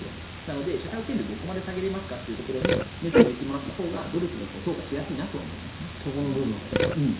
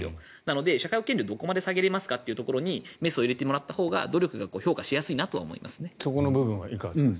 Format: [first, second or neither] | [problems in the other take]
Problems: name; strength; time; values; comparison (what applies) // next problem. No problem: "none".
second | background sound (Burping, eructation); 1 dB above the speech // room echo; dies away in 0.7 s